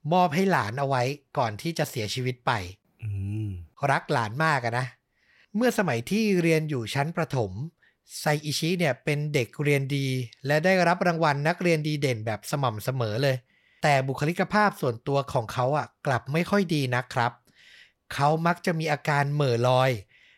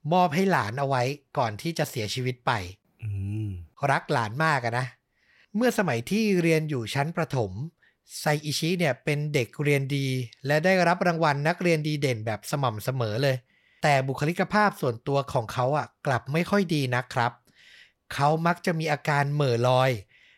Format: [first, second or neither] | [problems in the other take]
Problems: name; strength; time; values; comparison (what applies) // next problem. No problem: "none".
neither | none